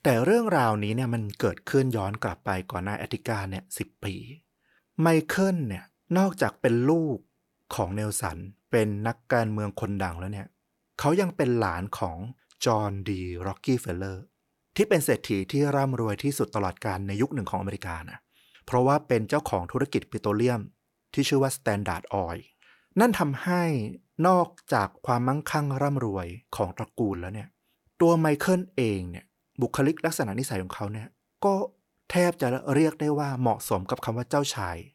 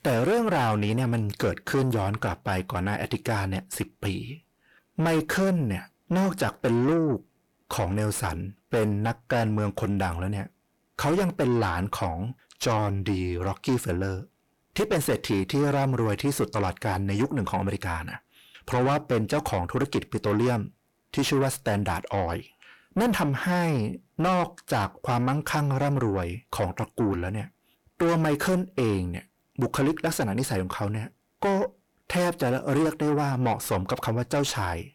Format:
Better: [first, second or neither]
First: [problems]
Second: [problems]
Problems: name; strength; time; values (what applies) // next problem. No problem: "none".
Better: first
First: none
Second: distortion; heavy; 7 dB below the speech